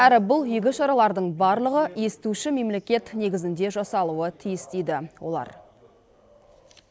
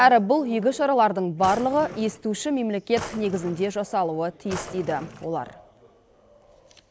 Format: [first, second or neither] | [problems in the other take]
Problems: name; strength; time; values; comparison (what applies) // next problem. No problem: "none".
first | background sound (Drawer open or close); 15 dB below the speech